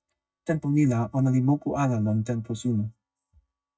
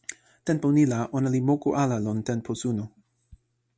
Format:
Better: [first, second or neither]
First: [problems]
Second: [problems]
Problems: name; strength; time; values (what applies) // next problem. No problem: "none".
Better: second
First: noise reduction (neural mask model DeepFilterNet 3)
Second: none